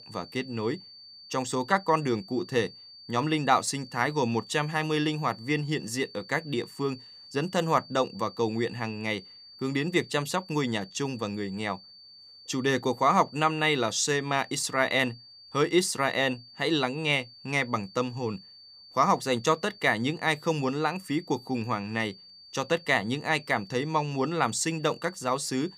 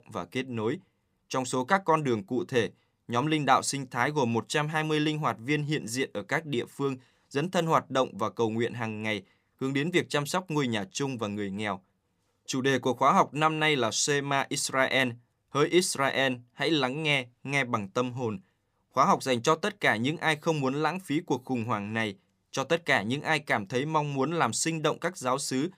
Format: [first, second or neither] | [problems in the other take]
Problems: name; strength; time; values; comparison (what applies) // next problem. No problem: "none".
second | high-pitched whine; noticeable; throughout; 4.5 kHz, 20 dB below the speech